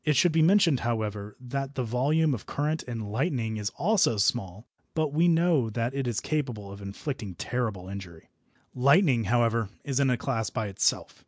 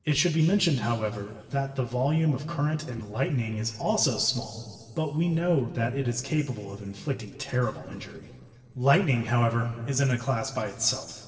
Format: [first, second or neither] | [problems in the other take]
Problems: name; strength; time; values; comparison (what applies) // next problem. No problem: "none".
first | noise reduction (neural separator model SepFormer DNS4)